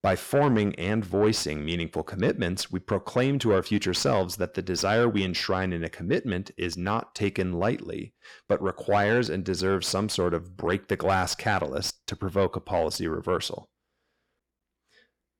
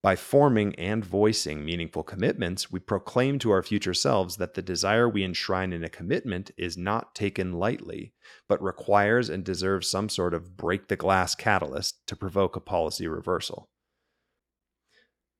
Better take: second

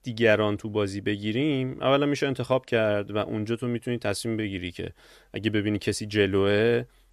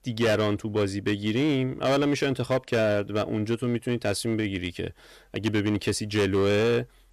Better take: first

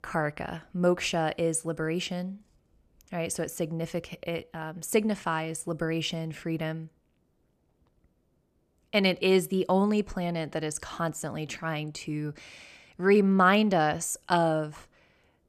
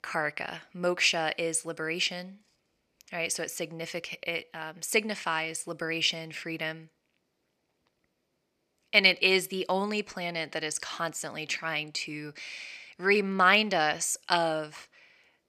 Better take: first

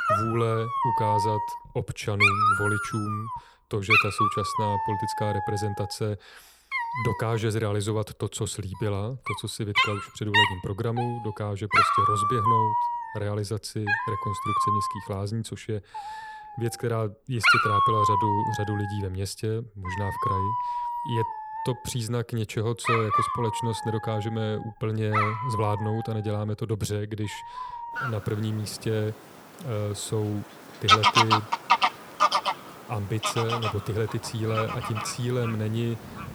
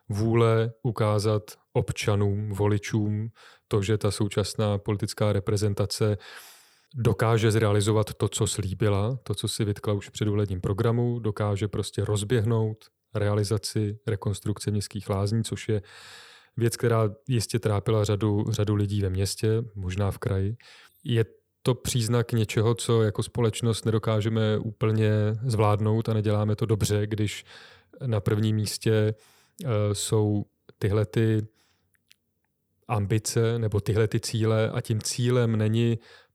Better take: second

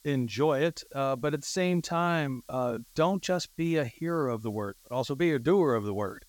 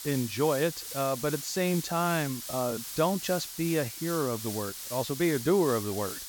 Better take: first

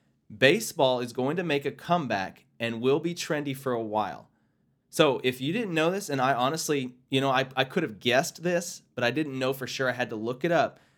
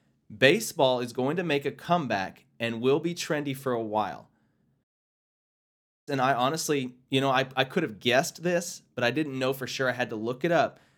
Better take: first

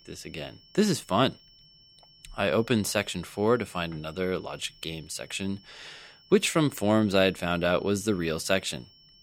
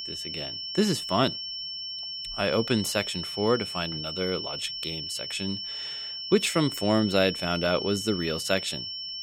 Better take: first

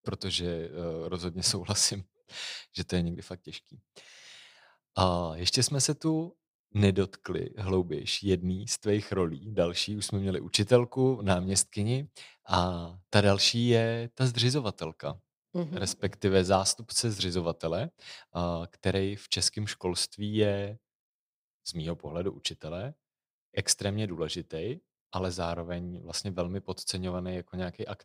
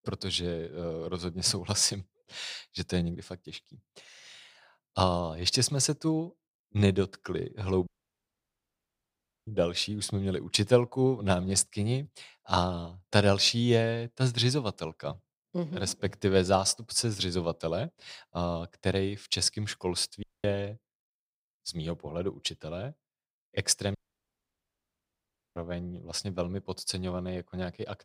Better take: first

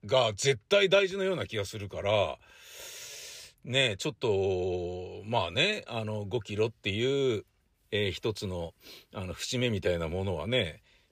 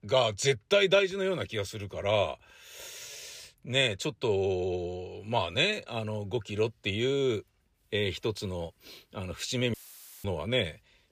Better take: first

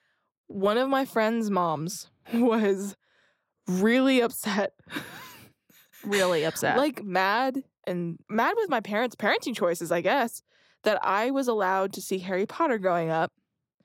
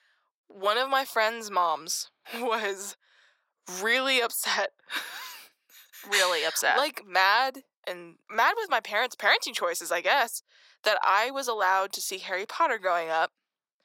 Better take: first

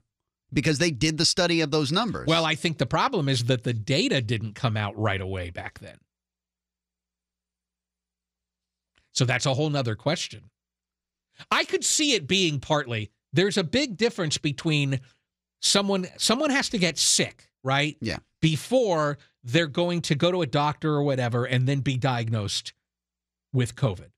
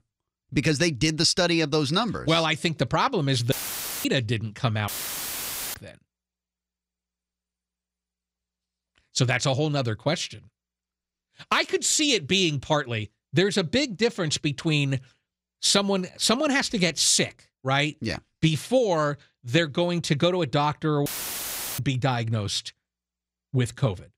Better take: first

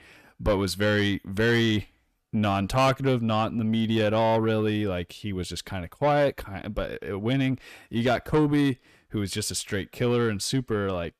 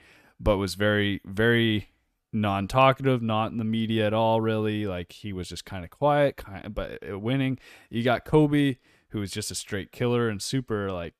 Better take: second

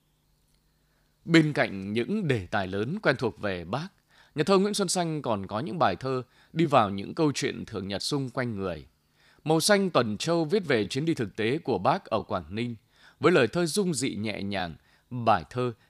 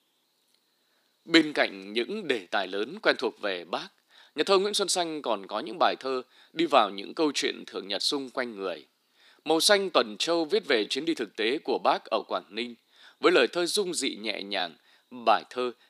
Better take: first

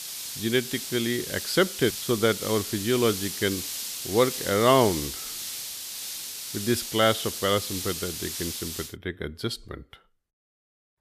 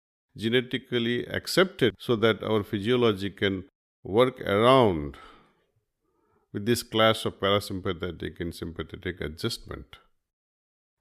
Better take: second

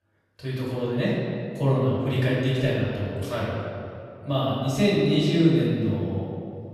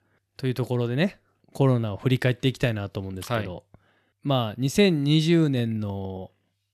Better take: second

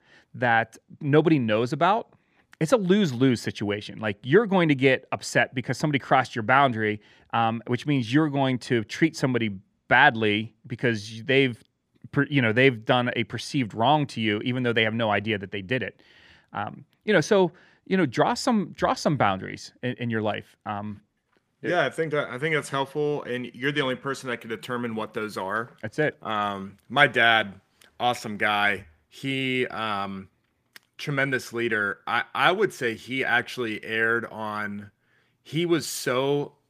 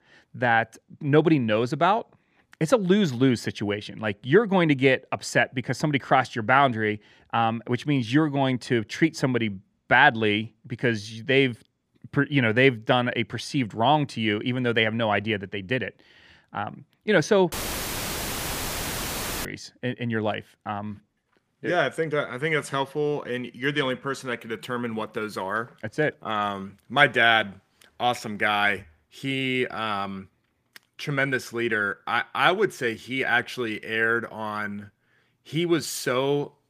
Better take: first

